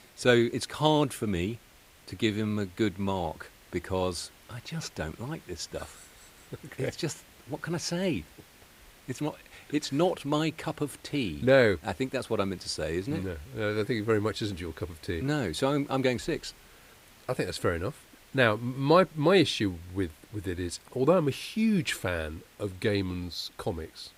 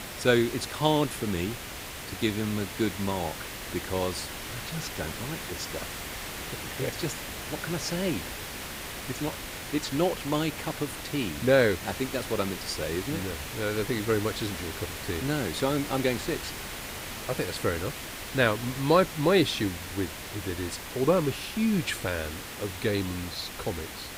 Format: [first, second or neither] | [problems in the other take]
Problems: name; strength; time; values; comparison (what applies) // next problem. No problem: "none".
first | hiss; loud; throughout; 7 dB below the speech; faint in the first